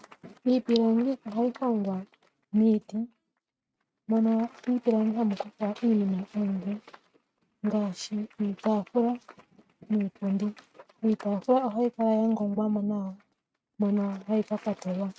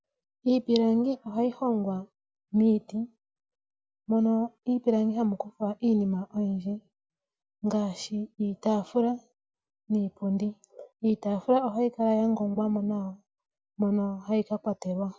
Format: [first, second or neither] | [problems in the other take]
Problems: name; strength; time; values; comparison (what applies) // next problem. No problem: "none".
second | noise reduction (neural mask model RNNoise)